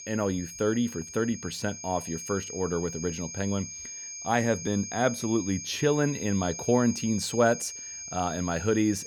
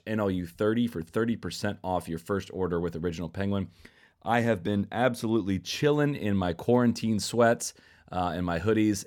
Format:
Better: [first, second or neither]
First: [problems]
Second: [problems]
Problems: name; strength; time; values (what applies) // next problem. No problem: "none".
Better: second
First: high-pitched whine; loud; throughout; 6.5 kHz, 8 dB below the speech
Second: none